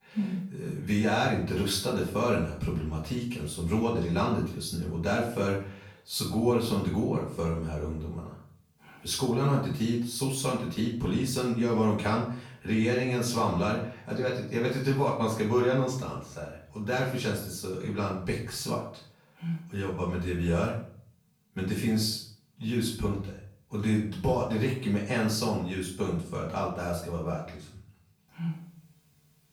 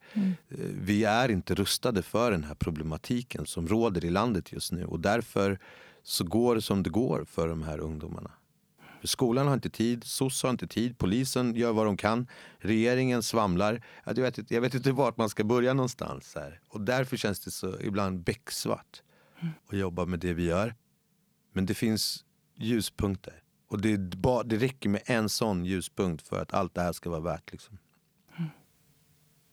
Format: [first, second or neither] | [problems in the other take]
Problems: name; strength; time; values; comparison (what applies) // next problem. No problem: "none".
second | room echo; noticeable; dies away in 0.5 s // off-mic speech; far